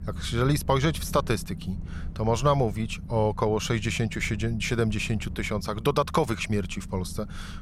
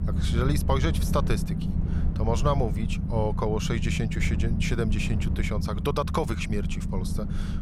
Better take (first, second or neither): first